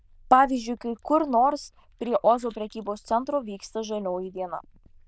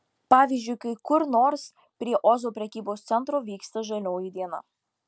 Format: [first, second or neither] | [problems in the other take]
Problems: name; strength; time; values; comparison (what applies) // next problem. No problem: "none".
second | noise reduction (neural diffusion model UNIVERSE++)